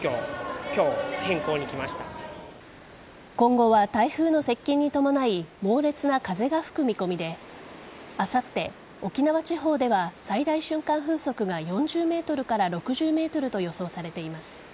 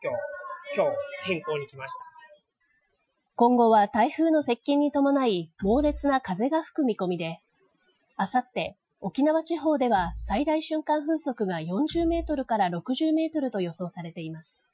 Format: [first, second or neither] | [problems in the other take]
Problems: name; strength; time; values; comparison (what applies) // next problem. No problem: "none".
first | noise reduction (classical method Wiener filter)